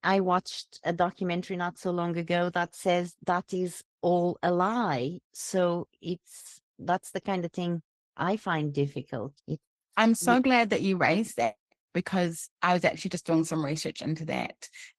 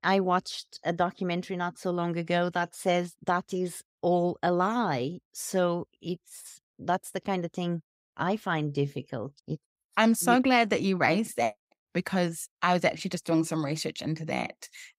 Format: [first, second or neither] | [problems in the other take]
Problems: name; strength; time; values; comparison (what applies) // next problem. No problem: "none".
second | garbled, watery; slightly; nothing above 10.5 kHz